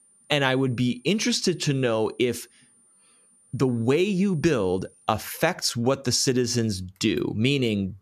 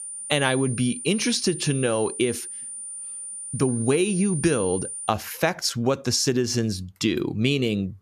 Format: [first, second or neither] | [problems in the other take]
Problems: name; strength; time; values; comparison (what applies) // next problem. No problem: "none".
first | high-pitched whine; loud; until 5 s; 9 kHz, 8 dB below the speech; faint in the first